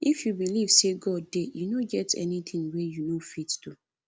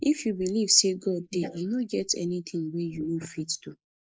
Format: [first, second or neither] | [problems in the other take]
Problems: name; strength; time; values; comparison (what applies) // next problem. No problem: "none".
first | noise reduction (neural mask model Resemble Enhance denoiser)